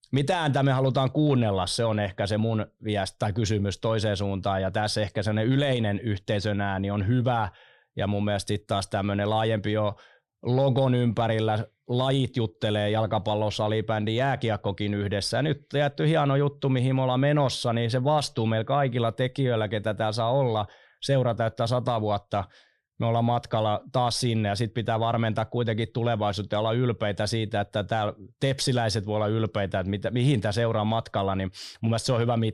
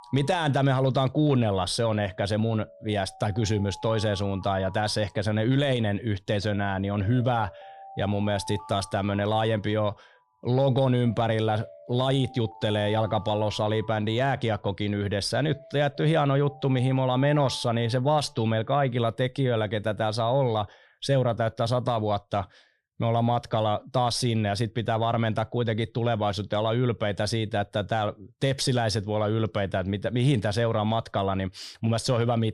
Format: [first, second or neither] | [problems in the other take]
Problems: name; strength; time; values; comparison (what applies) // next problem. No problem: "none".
first | alarms or sirens; faint; until 19 s; 20 dB below the speech